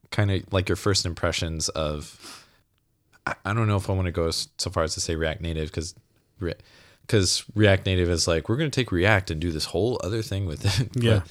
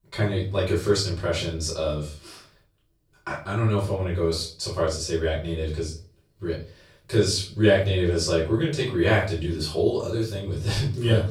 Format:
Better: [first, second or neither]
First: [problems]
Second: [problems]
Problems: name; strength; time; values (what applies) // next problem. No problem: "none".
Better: first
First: none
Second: off-mic speech; far // room echo; slight; dies away in 0.3 s